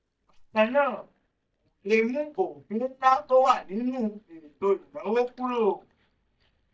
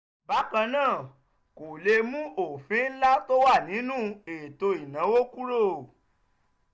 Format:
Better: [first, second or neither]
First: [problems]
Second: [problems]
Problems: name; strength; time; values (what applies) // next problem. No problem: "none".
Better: second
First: noise reduction (neural mask model DeepFilterNet 3)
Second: none